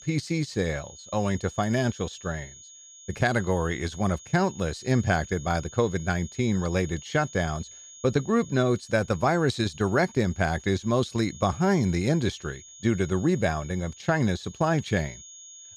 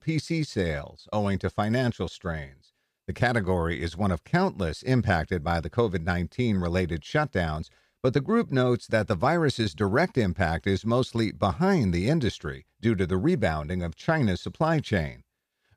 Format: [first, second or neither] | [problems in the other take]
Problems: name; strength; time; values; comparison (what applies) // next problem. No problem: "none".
second | high-pitched whine; noticeable; throughout; 6.5 kHz, 20 dB below the speech